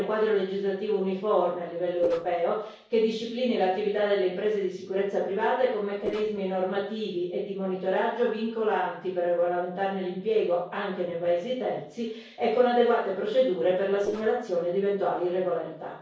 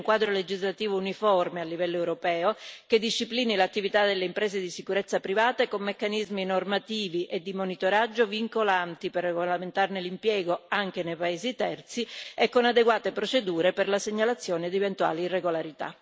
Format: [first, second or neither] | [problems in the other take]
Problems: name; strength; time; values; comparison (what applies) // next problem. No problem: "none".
second | noise reduction (neural separator model SepFormer DNS4)